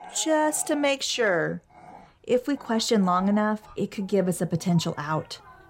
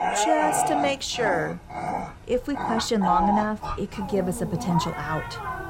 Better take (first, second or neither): first